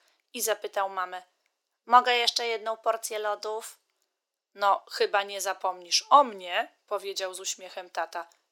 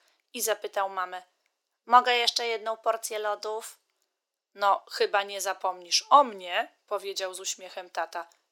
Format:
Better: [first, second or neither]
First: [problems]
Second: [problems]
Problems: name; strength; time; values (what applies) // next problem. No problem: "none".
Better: neither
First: thin; very; fading below 400 Hz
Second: thin; very; fading below 400 Hz